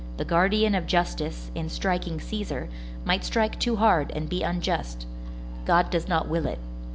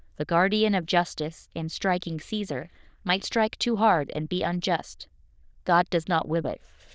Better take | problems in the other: first | noise reduction (neural diffusion model UNIVERSE++)

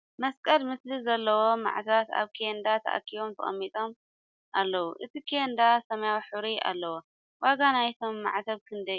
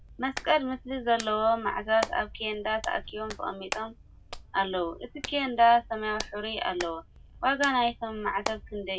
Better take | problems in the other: first | background sound (Hands); 13 dB below the speech // room echo; dies away in 0.2 s

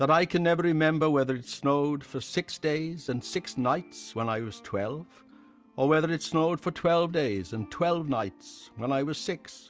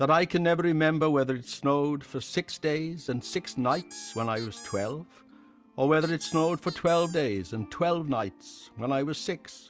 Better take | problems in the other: first | background sound (Squeak); 18 dB below the speech

